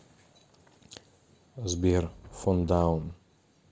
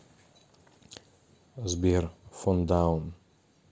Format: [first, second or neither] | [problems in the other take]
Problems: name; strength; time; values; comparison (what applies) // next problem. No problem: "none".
second | background sound (Wind); 19 dB below the speech